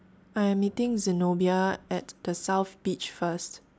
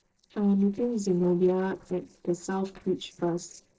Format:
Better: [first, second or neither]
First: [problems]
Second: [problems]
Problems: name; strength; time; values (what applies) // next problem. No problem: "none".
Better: first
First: none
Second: noise reduction (neural separator model SepFormer DNS4)